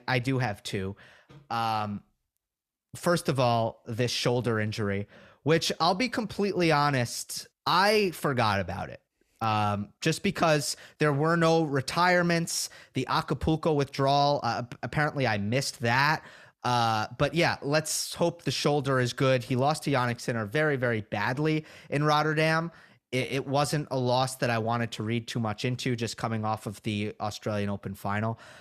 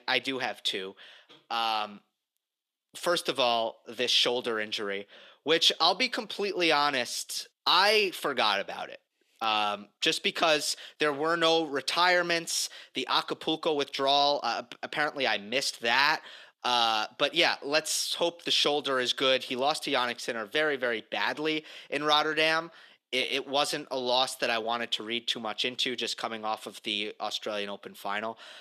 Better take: first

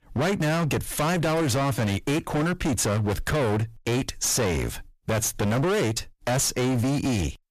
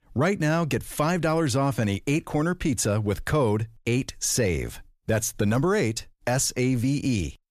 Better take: second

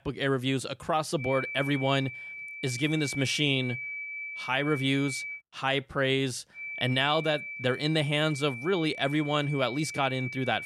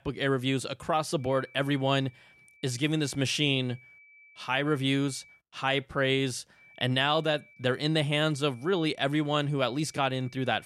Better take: second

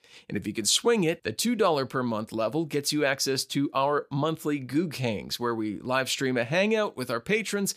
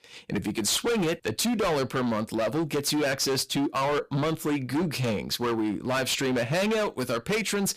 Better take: first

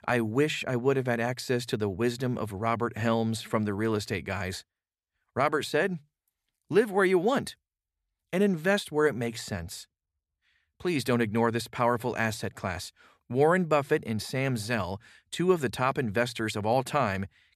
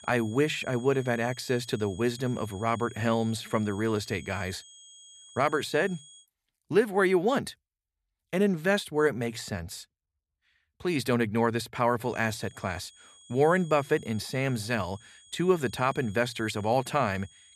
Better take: first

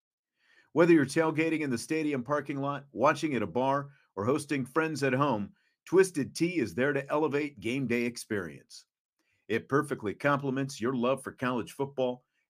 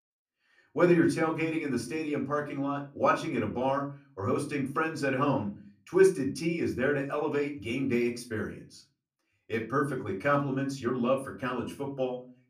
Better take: first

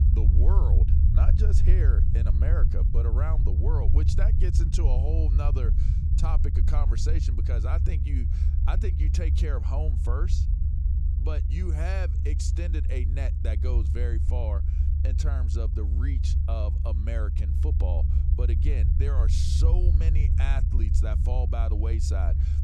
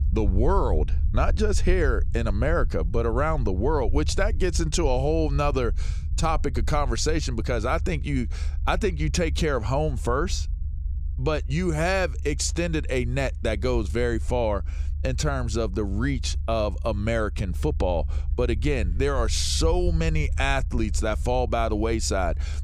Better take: second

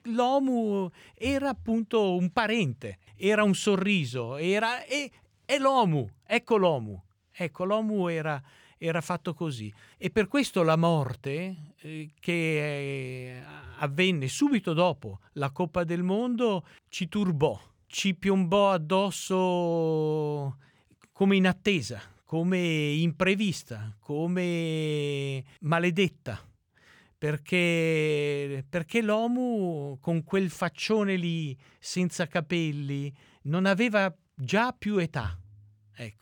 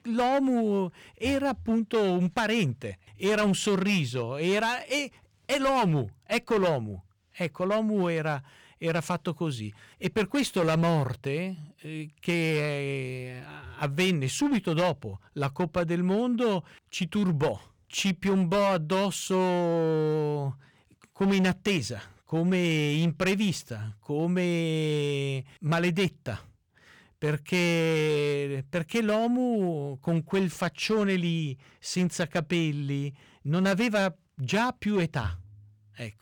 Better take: first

